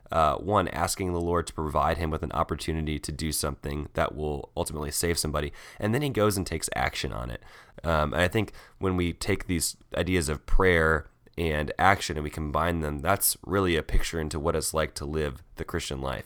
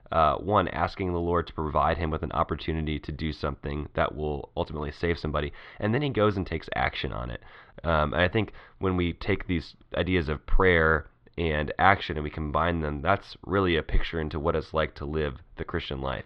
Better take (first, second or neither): first